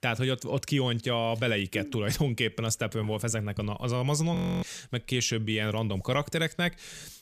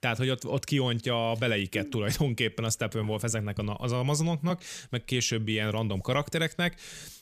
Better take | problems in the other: second | audio freezing; at 4.5 s

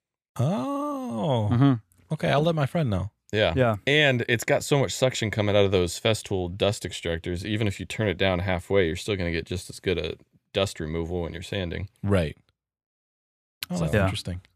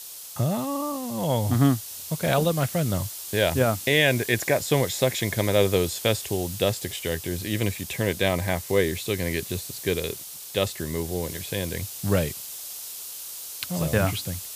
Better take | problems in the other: first | hiss; loud; throughout; 9 dB below the speech

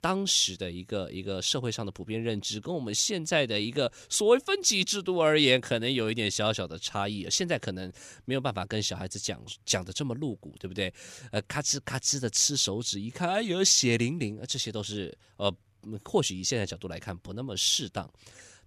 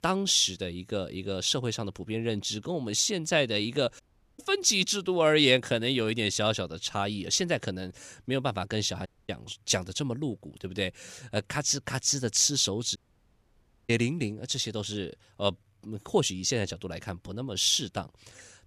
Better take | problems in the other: first | audio cutting out; at 4 s, at 9 s and at 13 s for 1 s

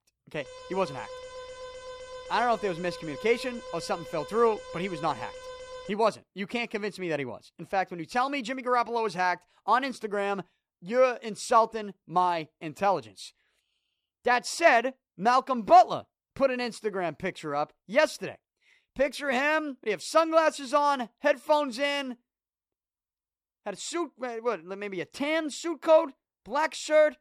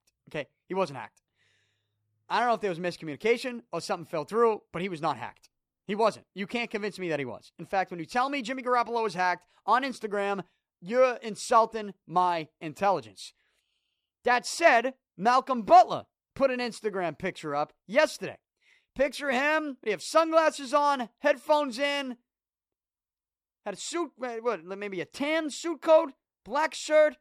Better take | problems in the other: second | alarm; faint; until 6 s; peak 15 dB below the speech

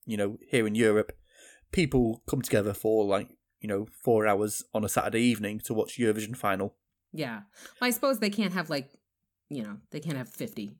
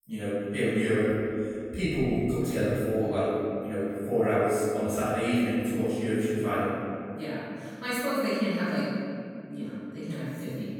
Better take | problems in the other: first | off-mic speech; far // room echo; strong; dies away in 2.3 s

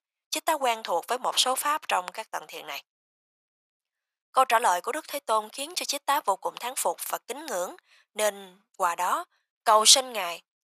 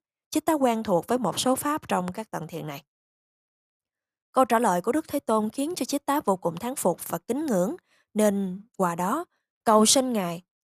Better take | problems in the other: second | thin; very; fading below 850 Hz

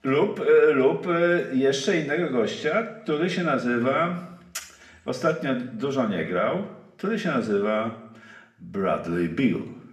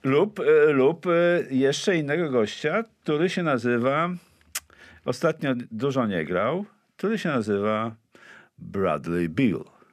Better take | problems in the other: second | room echo; slight; dies away in 0.6 s // off-mic speech; somewhat distant

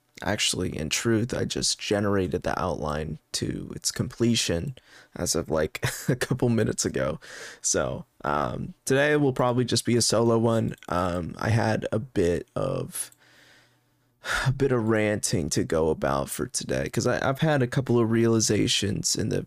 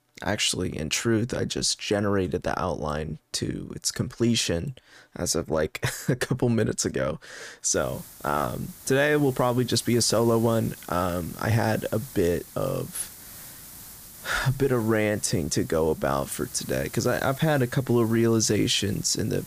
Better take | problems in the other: first | hiss; noticeable; from 8 s on; 15 dB below the speech

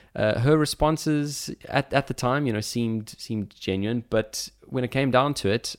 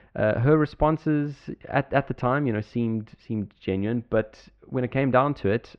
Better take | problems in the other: first | muffled; very; fading above 2 kHz

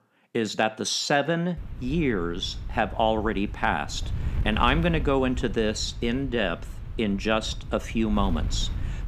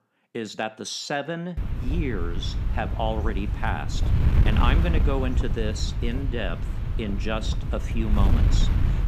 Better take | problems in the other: first | wind noise on the microphone; heavy; from 1.5 s on; 7 dB below the speech; occasional gusts in the first

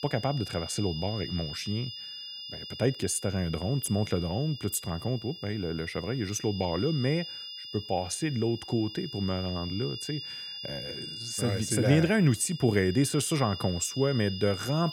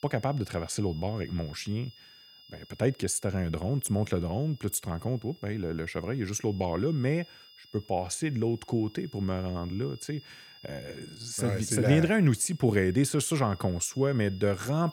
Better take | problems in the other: second | high-pitched whine; loud; throughout; 5 kHz, 10 dB below the speech; faint in the second

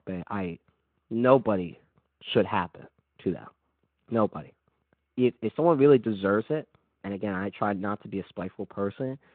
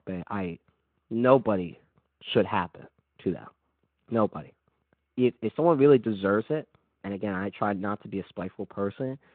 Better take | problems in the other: neither | phone-call audio; the same in both

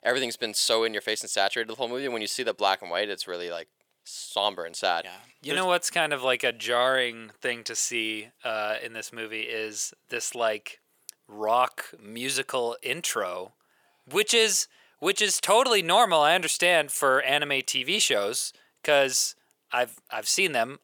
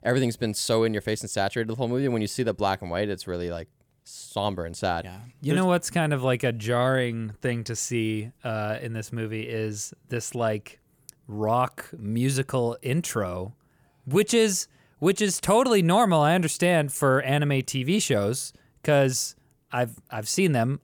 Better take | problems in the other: second | thin; very; fading below 550 Hz

